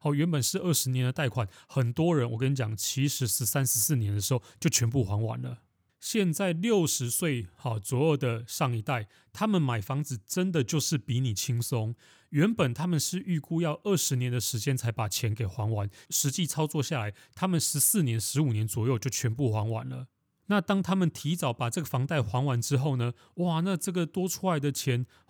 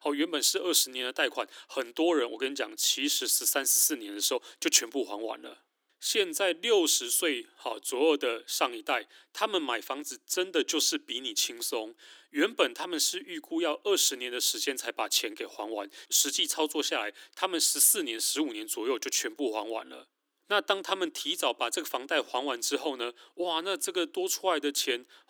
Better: first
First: none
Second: thin; very; fading below 300 Hz

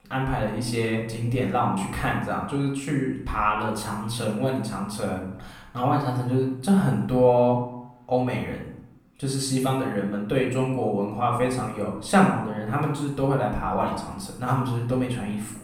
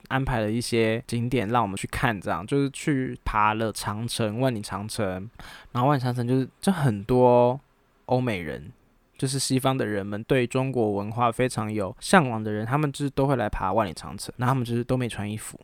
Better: second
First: room echo; noticeable; dies away in 0.7 s // off-mic speech; far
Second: none

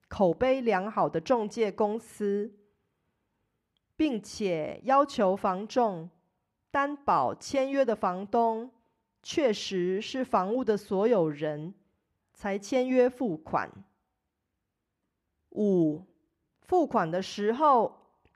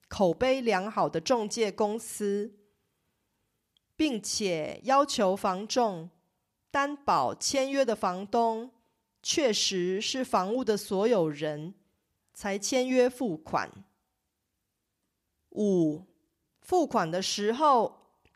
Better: second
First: muffled; slightly; fading above 3 kHz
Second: none

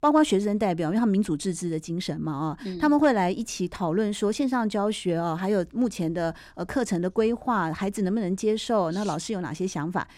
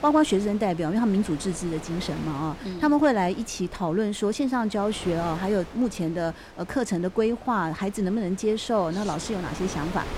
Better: first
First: none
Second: wind noise on the microphone; occasional gusts; 15 dB below the speech

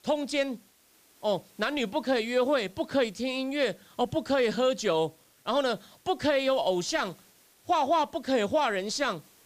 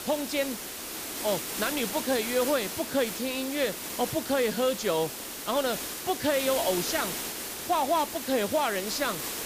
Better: first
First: hiss; faint; throughout; 30 dB below the speech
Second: hiss; loud; throughout; 4 dB below the speech

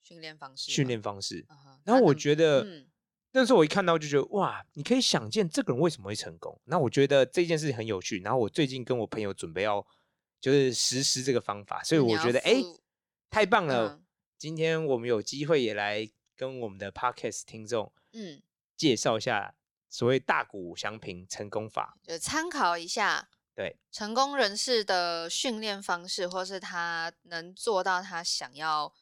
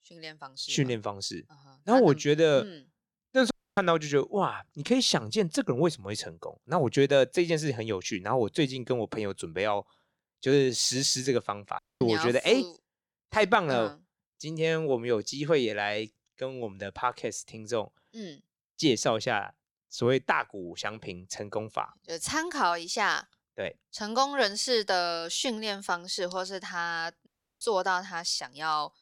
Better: first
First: none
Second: audio cutting out; at 3.5 s, at 12 s and at 27 s

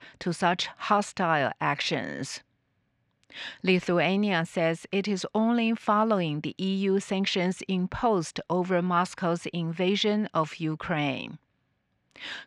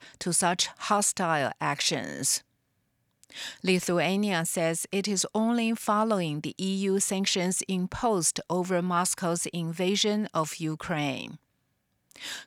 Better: second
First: muffled; slightly; fading above 3 kHz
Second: none

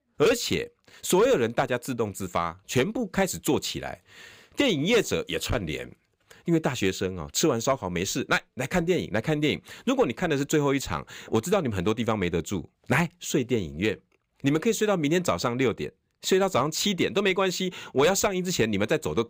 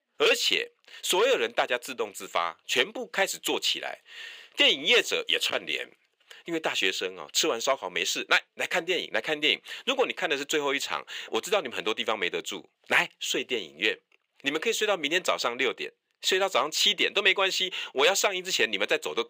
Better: first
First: none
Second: thin; somewhat; fading below 500 Hz

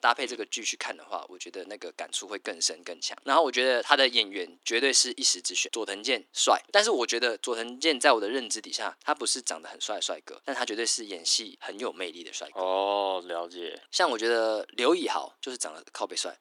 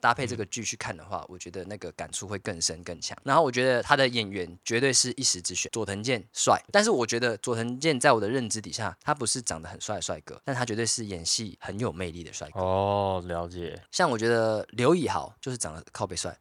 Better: second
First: thin; somewhat; fading below 300 Hz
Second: none

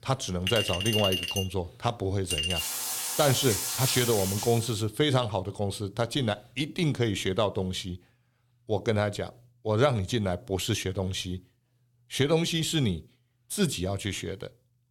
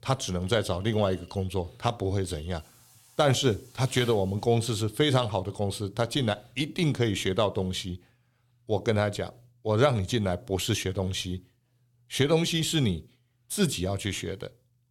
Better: second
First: household noises; loud; until 4.5 s; as loud as the speech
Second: household noises; faint; until 4.5 s; 25 dB below the speech

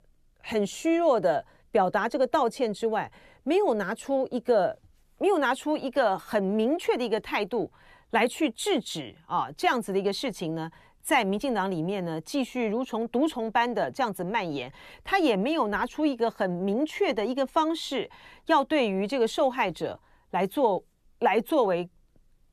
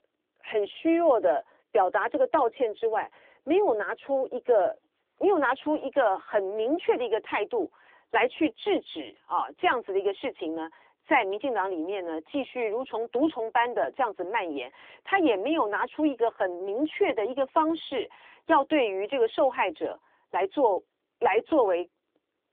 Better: first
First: none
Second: phone-call audio

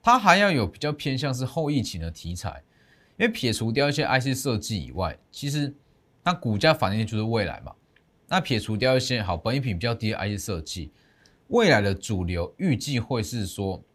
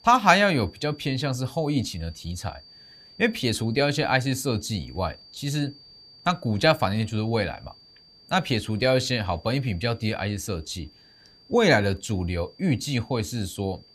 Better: first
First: none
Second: high-pitched whine; faint; throughout; 4.5 kHz, 25 dB below the speech

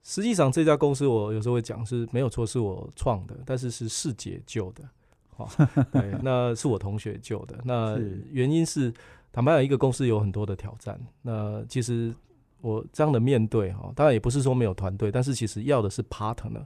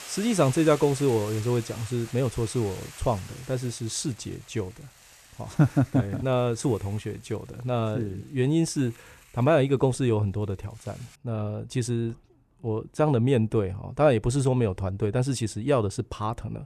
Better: first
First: none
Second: hiss; noticeable; until 11 s; 20 dB below the speech

